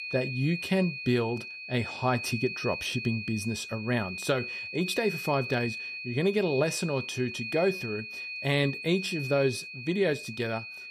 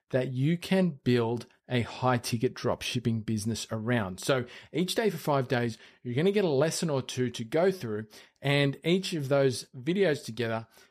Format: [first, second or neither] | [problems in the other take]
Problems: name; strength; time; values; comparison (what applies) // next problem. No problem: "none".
second | high-pitched whine; loud; throughout; 2.5 kHz, 6 dB below the speech